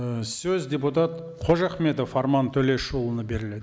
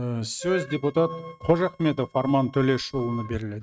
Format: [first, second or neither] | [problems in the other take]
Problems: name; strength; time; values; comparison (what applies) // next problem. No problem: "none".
first | noise reduction (neural mask model RNNoise)